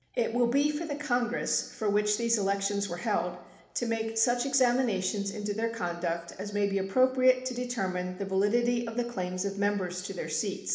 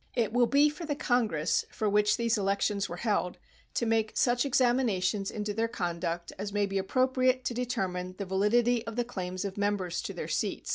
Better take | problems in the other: second | room echo; dies away in 1 s

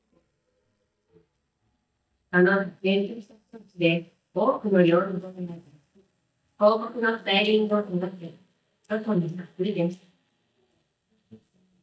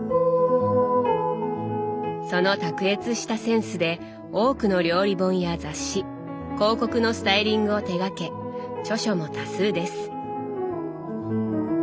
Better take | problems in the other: second | noise reduction (neural mask model DeepFilterNet 3)

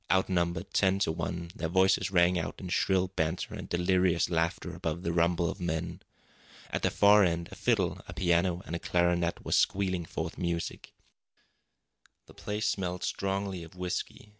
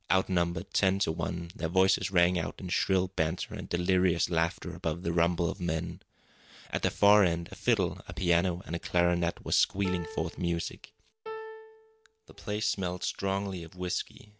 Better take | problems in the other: first | background sound (Piano); 14 dB below the speech

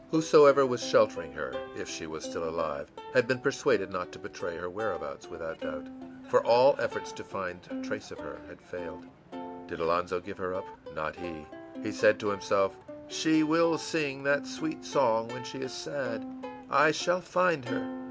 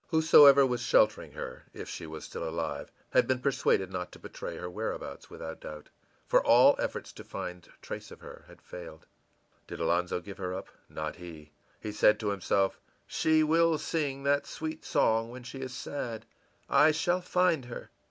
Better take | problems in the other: second | background sound (Plucked string instrument); 13 dB below the speech

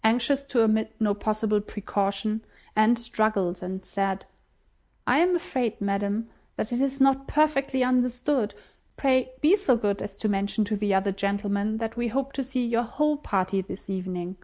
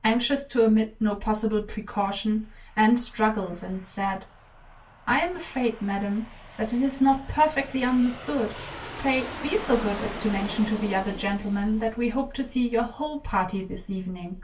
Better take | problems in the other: first | background sound (Aircraft); 16 dB below the speech // room echo; dies away in 0.2 s

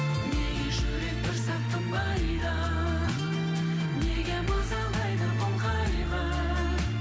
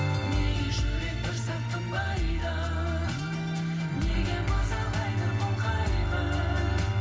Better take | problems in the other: first | background sound (Bowed string instrument); 5 dB below the speech // room echo; dies away in 1.3 s

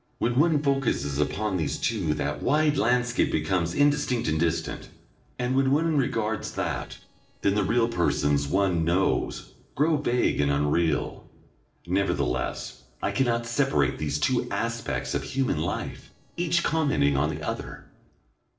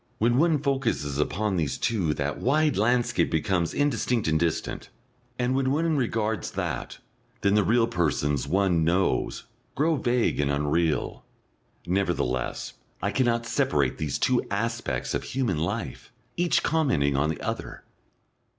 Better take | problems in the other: second | noise reduction (neural separator model SepFormer DNS4)

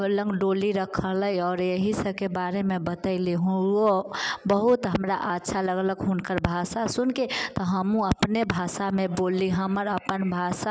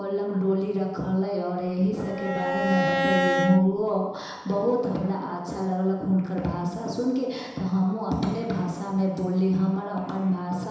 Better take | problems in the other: first | background sound (Bowed string instrument); 1 dB below the speech // room echo; dies away in 1 s

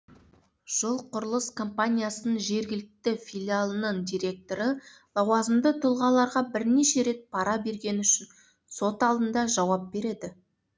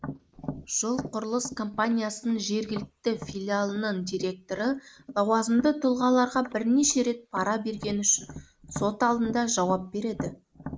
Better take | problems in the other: first | noise reduction (neural mask model Resemble Enhance denoiser)

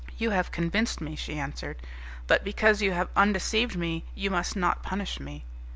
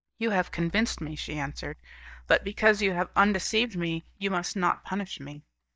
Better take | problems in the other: first | noise reduction (neural mask model DeepFilterNet 3)

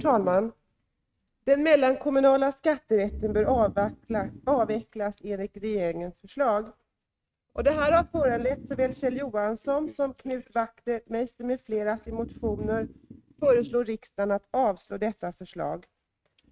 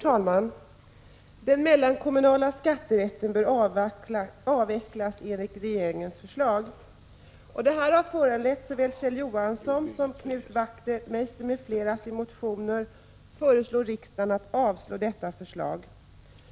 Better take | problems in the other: second | noise reduction (neural mask model RNNoise)

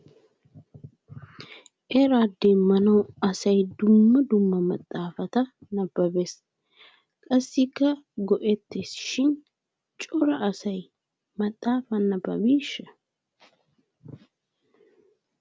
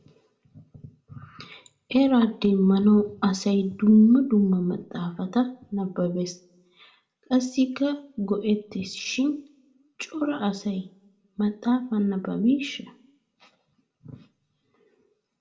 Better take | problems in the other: first | room echo; dies away in 0.3 s

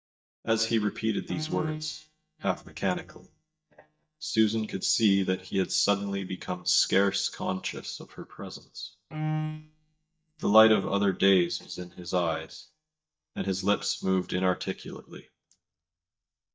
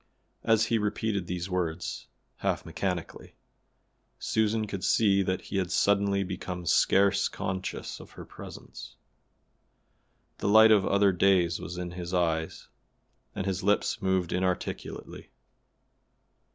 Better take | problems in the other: second | noise reduction (neural mask model DeepFilterNet 3)

